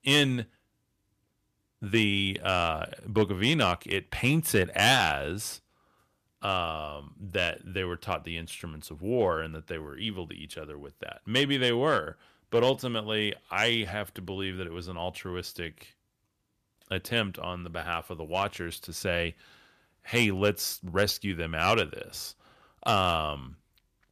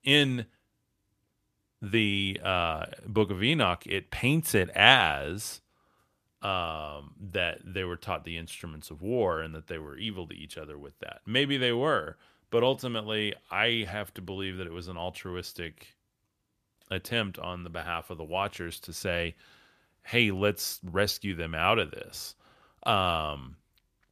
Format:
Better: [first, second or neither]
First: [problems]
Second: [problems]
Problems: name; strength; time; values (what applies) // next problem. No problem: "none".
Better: second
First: distortion; slight; 1.1% of the sound clipped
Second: none